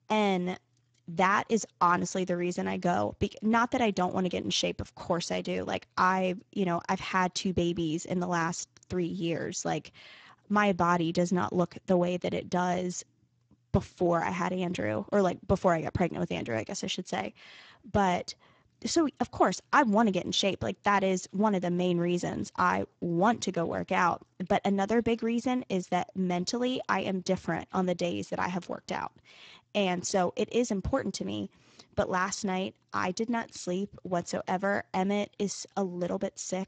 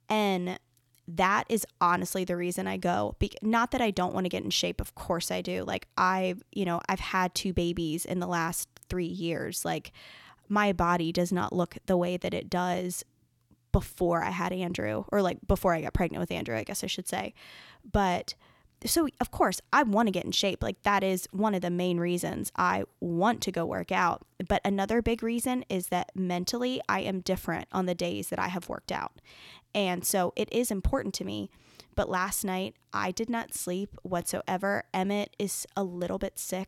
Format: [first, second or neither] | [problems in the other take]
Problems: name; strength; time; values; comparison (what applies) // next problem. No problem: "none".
second | garbled, watery; badly; nothing above 7.5 kHz